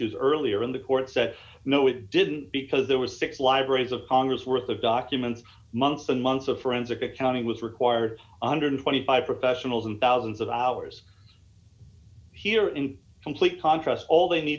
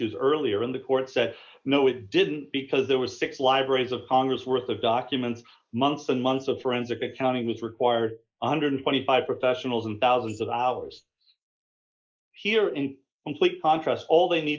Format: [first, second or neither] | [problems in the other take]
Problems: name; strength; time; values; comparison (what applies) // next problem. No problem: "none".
first | noise reduction (neural mask model Resemble Enhance denoiser)